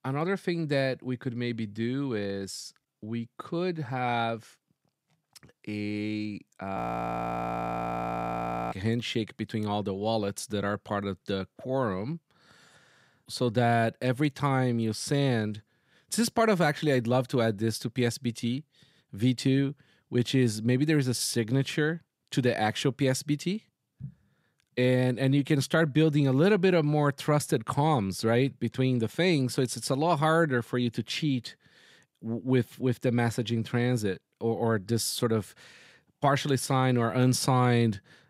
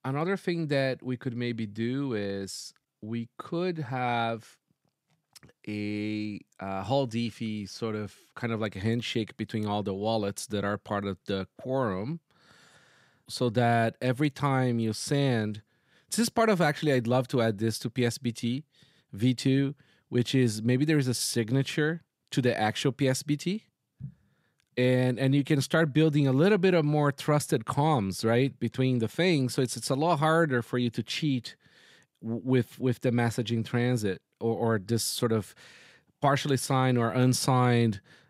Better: second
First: audio freezing; at 7 s for 2 s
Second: none

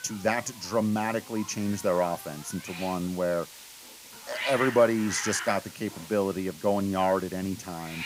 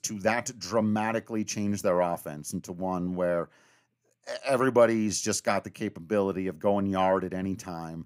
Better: second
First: hiss; noticeable; throughout; 10 dB below the speech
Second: none

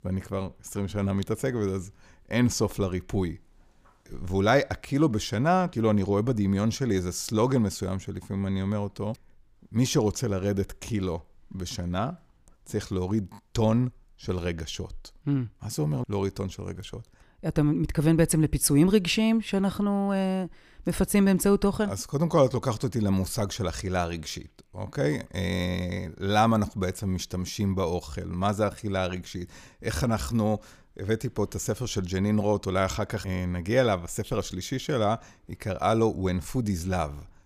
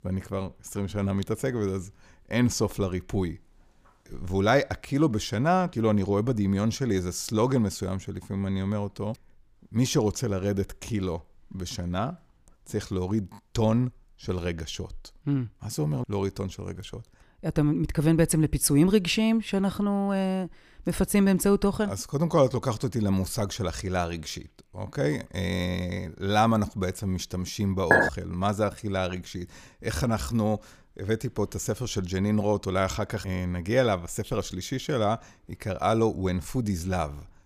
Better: first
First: none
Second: clattering dishes; loud; at 28 s; peak 6 dB above the speech

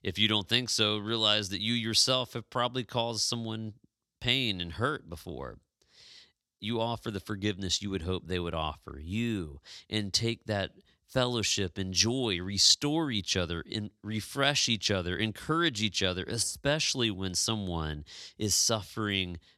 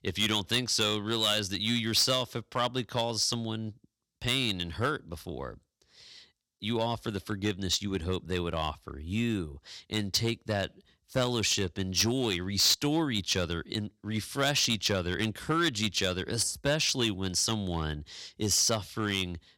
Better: first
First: none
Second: distortion; slight; 3% of the sound clipped

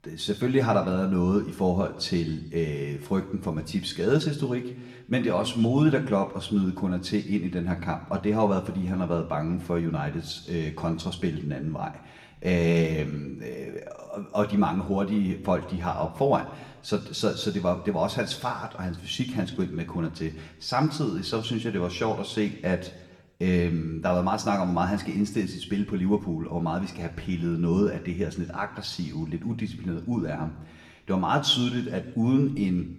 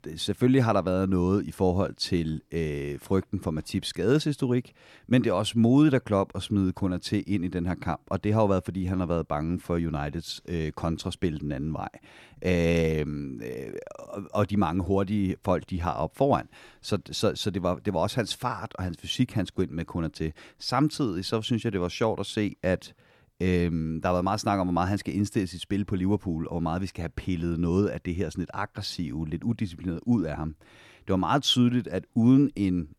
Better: second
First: room echo; very slight; dies away in 0.8 s // off-mic speech; somewhat distant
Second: none

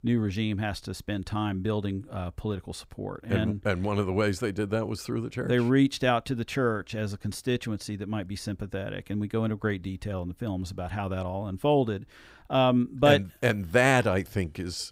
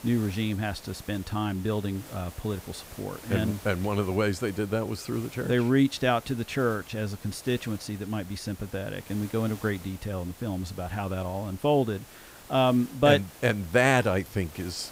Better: first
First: none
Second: hiss; noticeable; throughout; 20 dB below the speech

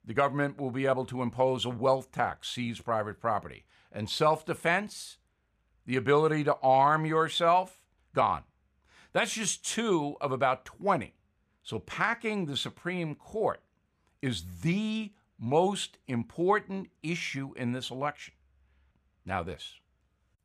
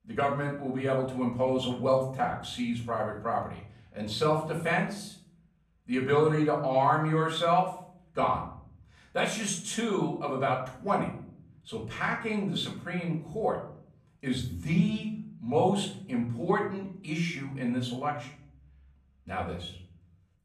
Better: first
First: none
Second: off-mic speech; far // room echo; slight; dies away in 0.6 s

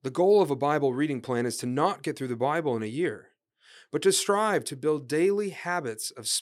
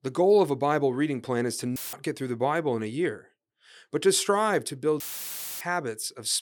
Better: first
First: none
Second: audio cutting out; filled with static; at 2 s and at 5 s for 0.5 s

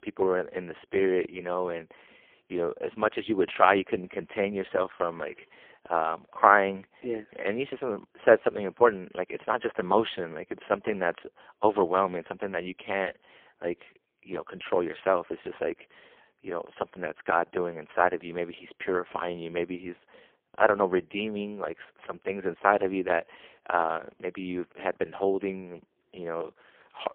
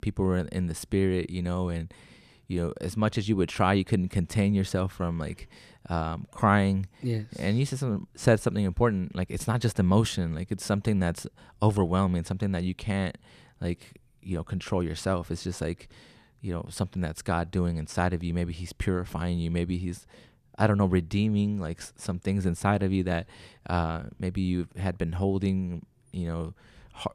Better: second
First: phone-call audio; poor line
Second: none

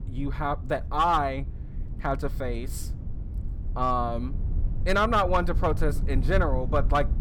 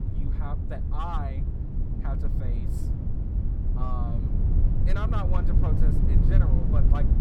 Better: first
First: low rumble; faint; throughout; 20 dB below the speech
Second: low rumble; loud; throughout; 2 dB below the speech

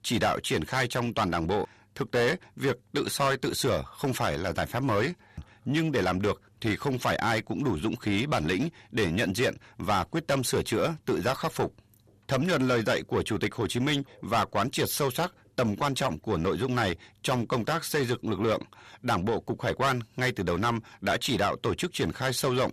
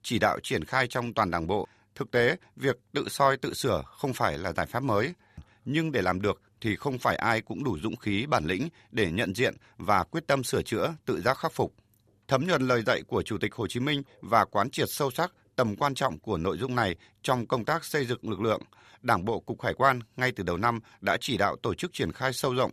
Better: second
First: distortion; heavy; 7 dB below the speech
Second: none

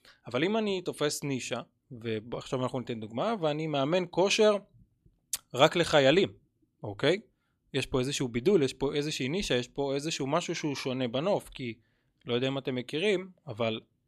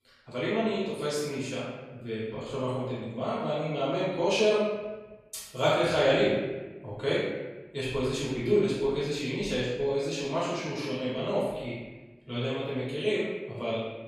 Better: first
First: none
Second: room echo; strong; dies away in 1.1 s // off-mic speech; far

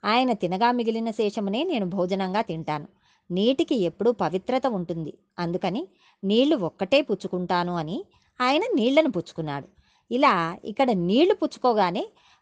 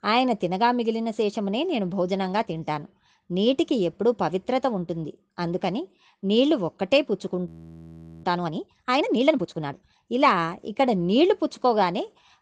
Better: first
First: none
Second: audio freezing; at 7.5 s for 1 s

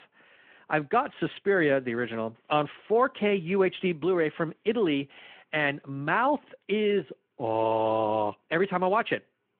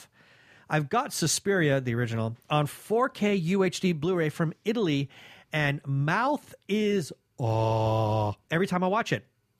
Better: second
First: phone-call audio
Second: none

